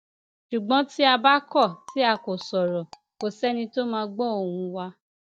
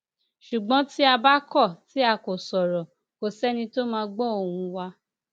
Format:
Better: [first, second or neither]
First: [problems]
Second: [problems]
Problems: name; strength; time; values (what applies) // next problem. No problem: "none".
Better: second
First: noise reduction (neural mask model DeepFilterNet 3)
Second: none